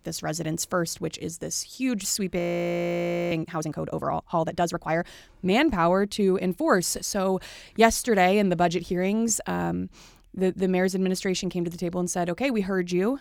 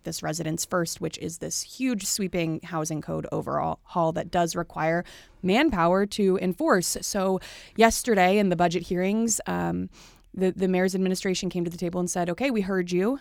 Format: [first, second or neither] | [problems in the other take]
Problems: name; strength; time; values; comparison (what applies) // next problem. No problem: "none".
second | audio freezing; at 2.5 s for 1 s